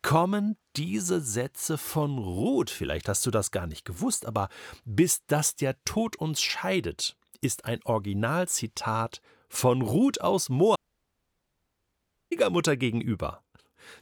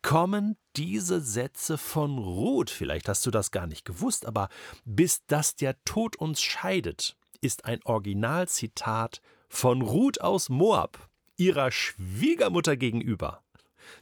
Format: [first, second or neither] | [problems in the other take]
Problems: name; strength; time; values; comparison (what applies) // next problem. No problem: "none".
second | audio cutting out; at 11 s for 1.5 s